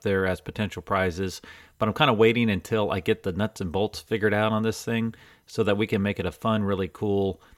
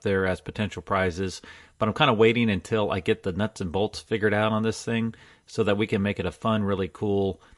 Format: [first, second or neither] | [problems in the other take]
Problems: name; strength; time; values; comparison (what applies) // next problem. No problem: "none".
first | garbled, watery; slightly; nothing above 11 kHz